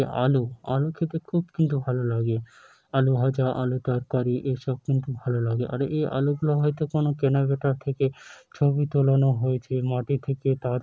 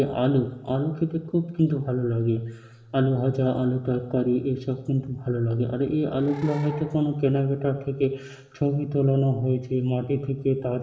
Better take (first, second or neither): first